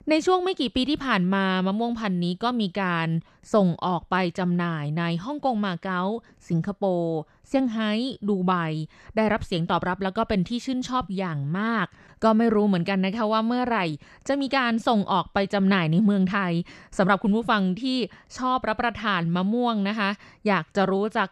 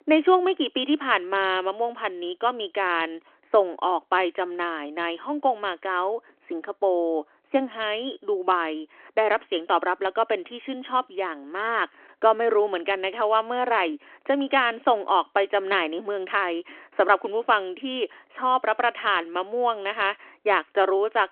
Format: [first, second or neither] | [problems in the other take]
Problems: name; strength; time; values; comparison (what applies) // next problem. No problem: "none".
first | phone-call audio